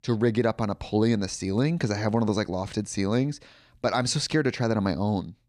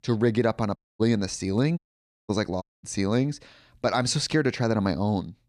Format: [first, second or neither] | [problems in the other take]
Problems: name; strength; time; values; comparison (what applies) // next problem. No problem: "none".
first | audio cutting out; at 1 s, at 2 s and at 2.5 s